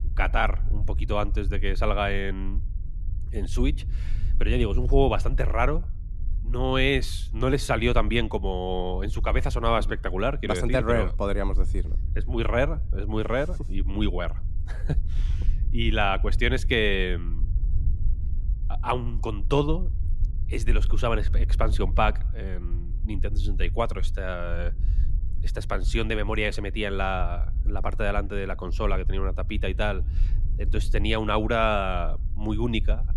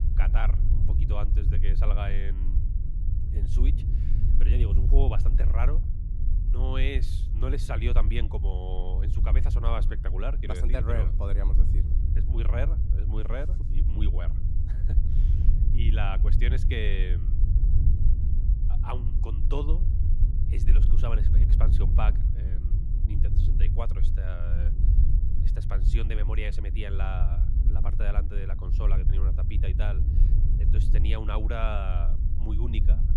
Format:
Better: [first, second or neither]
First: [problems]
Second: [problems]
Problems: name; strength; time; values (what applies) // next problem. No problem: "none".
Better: first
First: low rumble; faint; throughout; 20 dB below the speech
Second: low rumble; loud; throughout; 7 dB below the speech